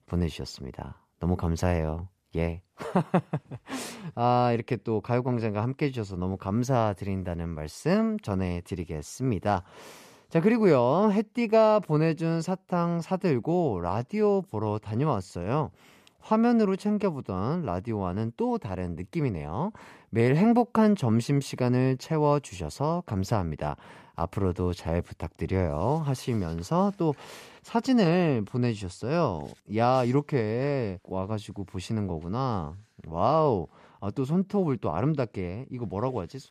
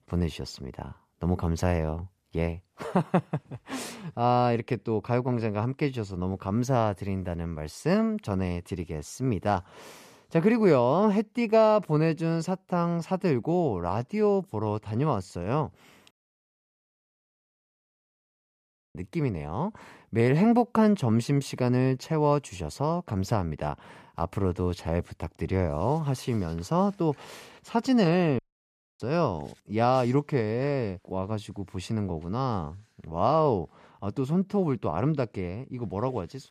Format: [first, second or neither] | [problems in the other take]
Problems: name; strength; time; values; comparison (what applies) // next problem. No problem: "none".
first | audio cutting out; at 16 s for 3 s and at 28 s for 0.5 s